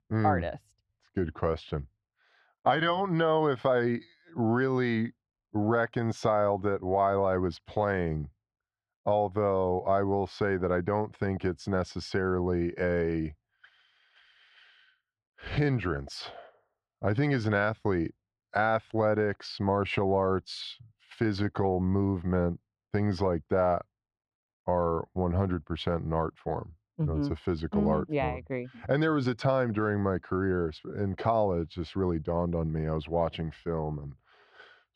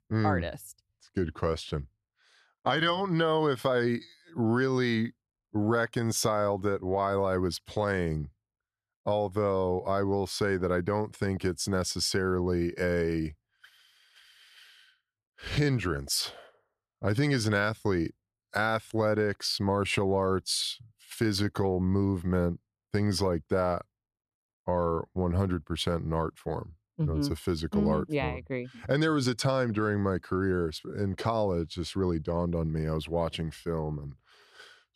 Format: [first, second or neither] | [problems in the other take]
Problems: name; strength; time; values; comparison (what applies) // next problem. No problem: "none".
second | muffled; slightly; fading above 3 kHz